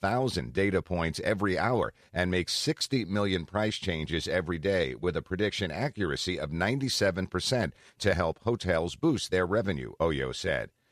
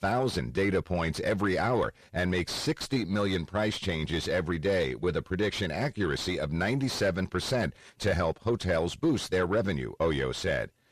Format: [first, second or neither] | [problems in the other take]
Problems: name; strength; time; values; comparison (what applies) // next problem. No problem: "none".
first | distortion; slight; 10 dB below the speech